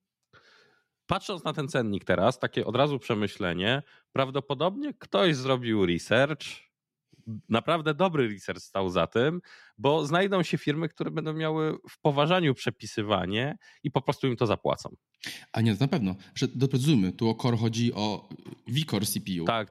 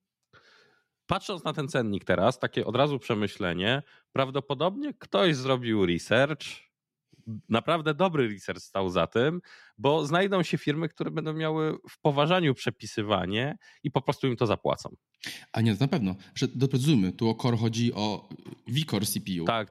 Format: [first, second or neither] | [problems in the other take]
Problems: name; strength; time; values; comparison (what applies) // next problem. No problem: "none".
neither | none